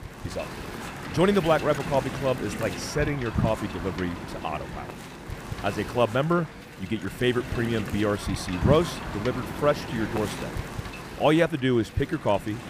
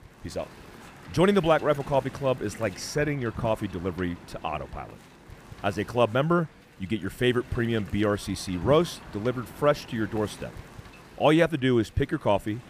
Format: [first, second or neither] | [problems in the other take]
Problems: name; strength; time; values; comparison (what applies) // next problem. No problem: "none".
second | wind noise on the microphone; heavy; 9 dB below the speech; occasional gusts in the second